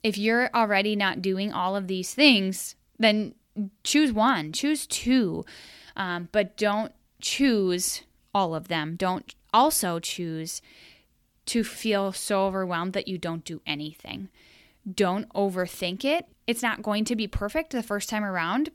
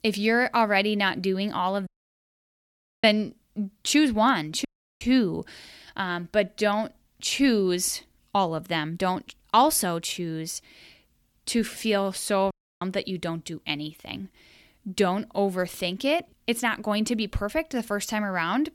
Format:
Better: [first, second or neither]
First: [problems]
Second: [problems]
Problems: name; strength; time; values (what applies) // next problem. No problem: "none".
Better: first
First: none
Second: audio cutting out; at 2 s for 1 s, at 4.5 s and at 13 s